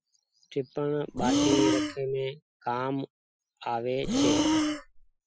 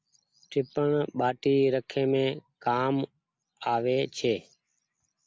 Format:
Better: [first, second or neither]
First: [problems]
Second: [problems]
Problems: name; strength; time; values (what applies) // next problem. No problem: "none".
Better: second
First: noise reduction (classical method Wiener filter)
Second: none